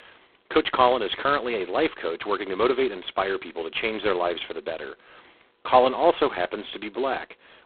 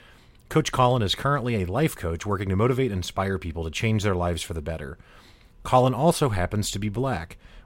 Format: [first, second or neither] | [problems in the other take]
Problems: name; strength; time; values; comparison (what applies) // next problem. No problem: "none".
second | phone-call audio; poor line; nothing above 3.5 kHz